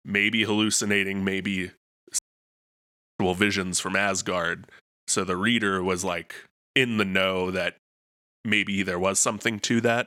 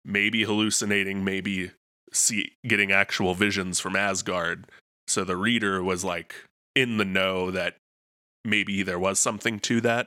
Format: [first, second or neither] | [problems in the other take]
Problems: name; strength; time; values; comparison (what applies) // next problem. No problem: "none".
second | audio cutting out; at 2 s for 1 s